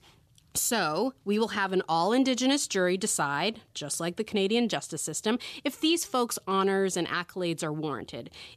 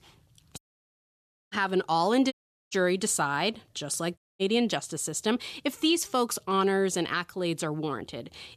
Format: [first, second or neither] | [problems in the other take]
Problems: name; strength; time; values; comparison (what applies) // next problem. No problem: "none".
first | audio cutting out; at 0.5 s for 1 s, at 2.5 s and at 4 s